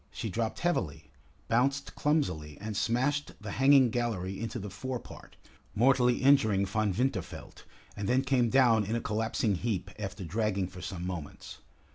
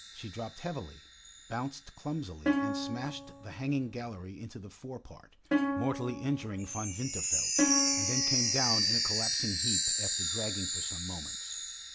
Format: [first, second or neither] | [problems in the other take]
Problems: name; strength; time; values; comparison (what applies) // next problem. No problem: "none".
first | background sound (Plucked string instrument + Chime); 5 dB above the speech